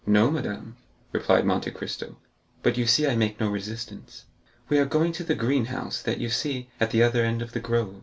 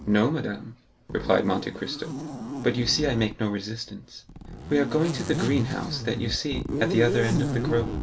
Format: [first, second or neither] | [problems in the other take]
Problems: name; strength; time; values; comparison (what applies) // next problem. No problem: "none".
first | background sound (Zipper (clothing)); 5 dB below the speech